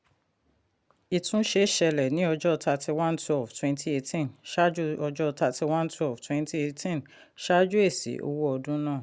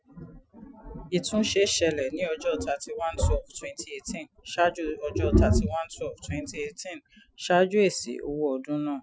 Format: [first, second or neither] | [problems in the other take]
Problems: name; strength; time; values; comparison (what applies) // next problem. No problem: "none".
first | noise reduction (classical method Wiener filter)